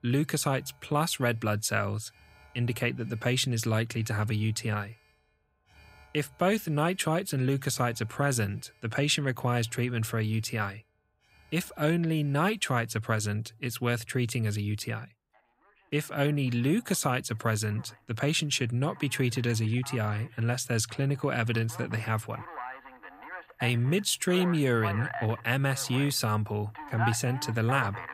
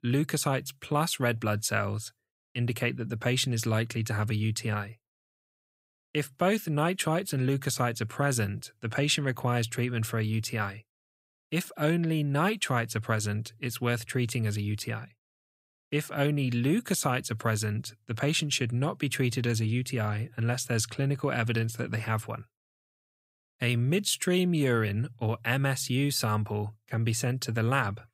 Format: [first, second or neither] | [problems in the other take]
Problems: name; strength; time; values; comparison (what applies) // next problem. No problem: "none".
second | alarms or sirens; noticeable; throughout; 10 dB below the speech